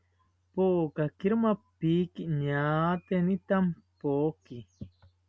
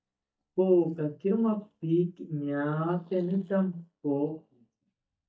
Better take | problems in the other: first | noise reduction (neural mask model DeepFilterNet 3)

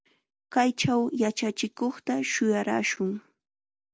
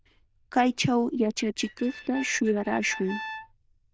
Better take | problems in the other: first | noise reduction (neural diffusion model UNIVERSE++)

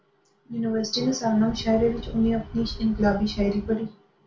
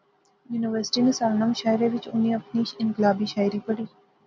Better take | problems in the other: second | background sound (Wind); 12 dB below the speech // room echo; dies away in 0.3 s

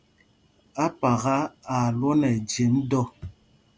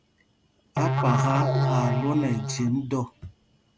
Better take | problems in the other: first | background sound (Musical instrument); 3 dB above the speech

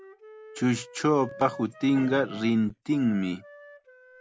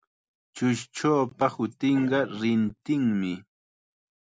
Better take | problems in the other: second | background sound (Wind instrument, woodwind instrument); 20 dB below the speech

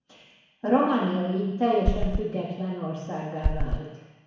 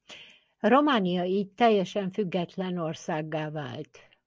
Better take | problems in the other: second | background sound (Run); 3 dB above the speech // room echo; dies away in 1.1 s

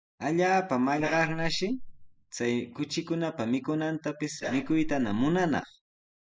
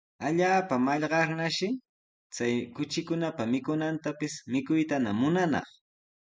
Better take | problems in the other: second | noise reduction (neural mask model Resemble Enhance denoiser)

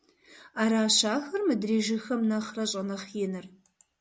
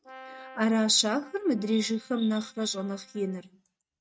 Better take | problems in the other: first | noise reduction (neural mask model RNNoise)

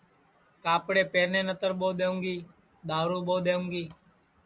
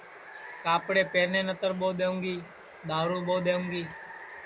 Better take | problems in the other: first | background sound (Water); 15 dB below the speech

